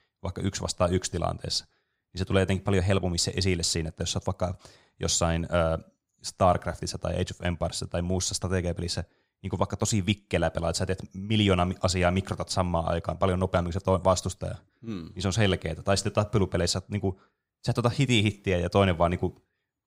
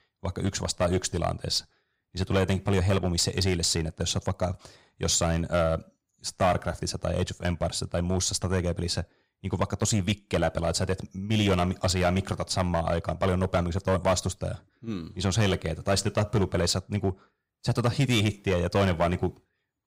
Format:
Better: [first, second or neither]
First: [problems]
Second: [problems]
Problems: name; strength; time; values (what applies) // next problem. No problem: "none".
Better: first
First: none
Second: distortion; slight; 5% of the sound clipped